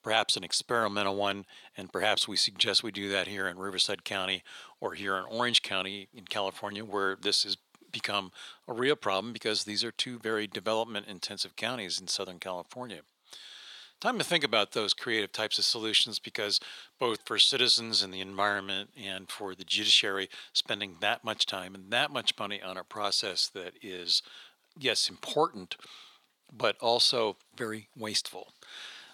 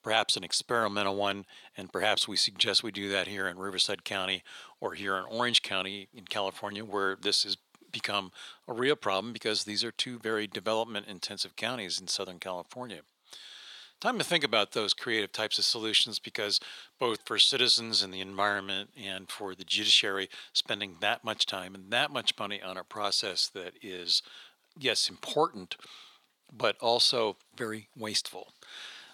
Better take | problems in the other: neither | thin; very; fading below 500 Hz; the same in both

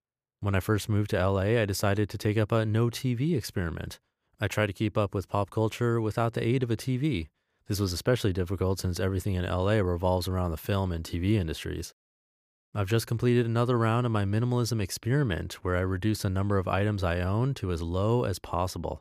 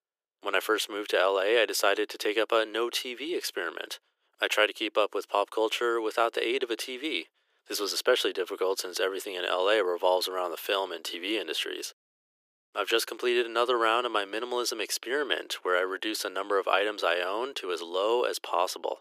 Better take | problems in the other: first | thin; very; fading below 350 Hz

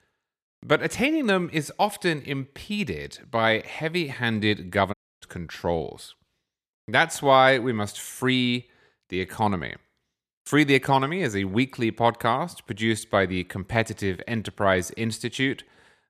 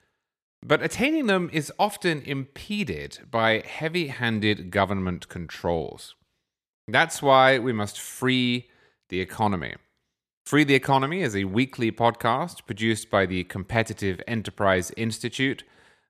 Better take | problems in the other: second | audio cutting out; at 5 s

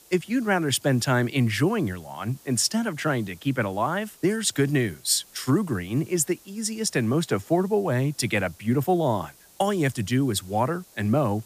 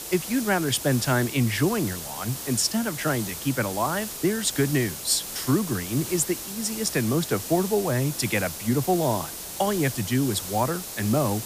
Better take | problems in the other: first | hiss; loud; throughout; 7 dB below the speech; faint in the first

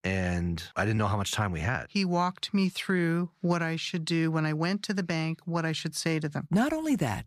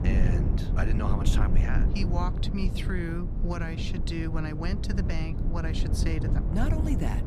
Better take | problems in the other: first | low rumble; loud; throughout; 4 dB below the speech

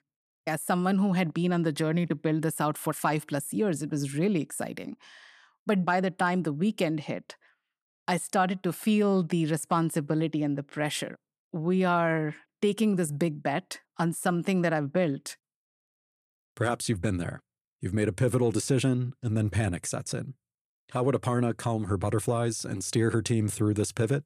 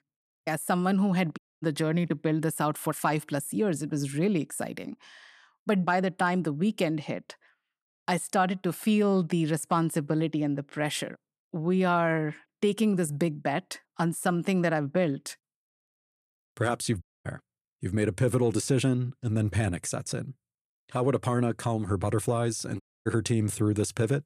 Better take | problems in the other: first | audio cutting out; at 1.5 s, at 17 s and at 23 s

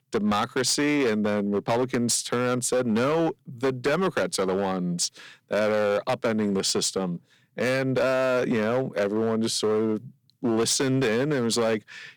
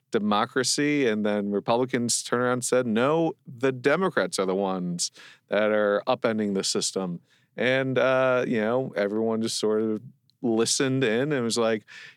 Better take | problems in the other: second | distortion; slight; 12% of the sound clipped

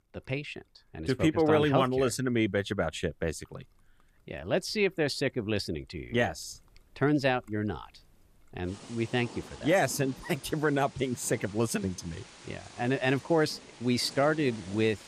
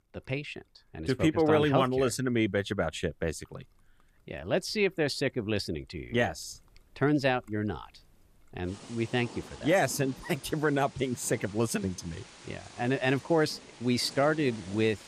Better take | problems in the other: neither | rain or running water; noticeable; throughout; 20 dB below the speech; the same in both

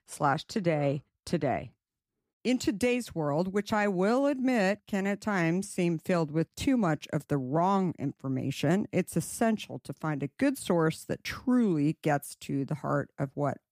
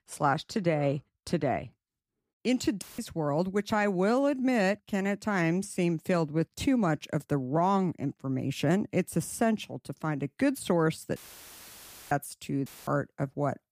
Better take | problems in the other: first | audio cutting out; filled with static; at 3 s, at 11 s for 1 s and at 13 s

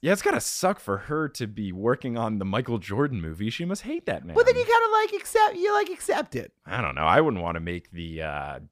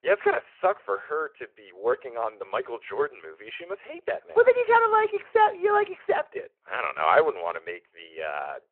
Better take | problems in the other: first | phone-call audio

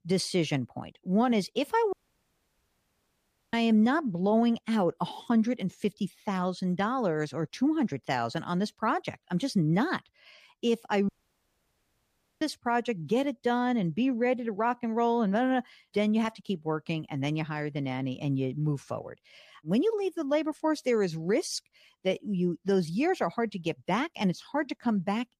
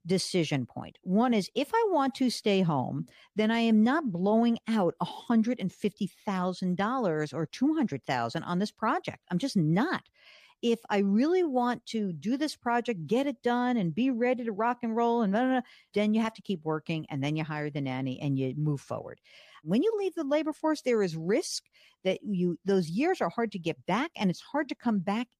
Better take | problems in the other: second | audio cutting out; at 2 s for 1.5 s and at 11 s for 1.5 s

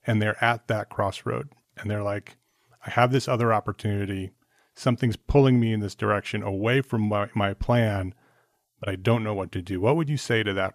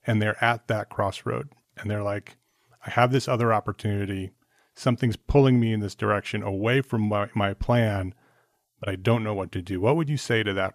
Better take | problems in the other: neither | none

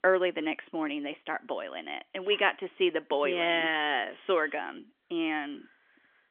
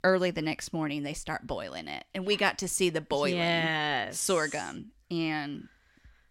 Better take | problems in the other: second | phone-call audio; nothing above 3 kHz

